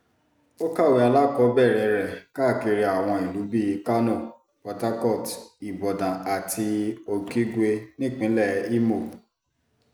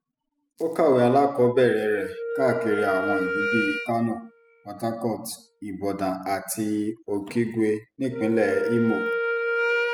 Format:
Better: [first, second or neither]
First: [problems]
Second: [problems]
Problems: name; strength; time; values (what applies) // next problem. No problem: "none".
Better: first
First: none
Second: noise reduction (classical method spectral subtraction)